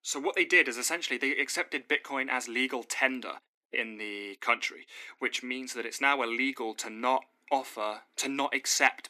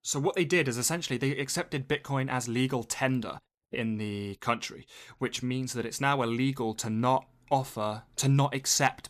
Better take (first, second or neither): second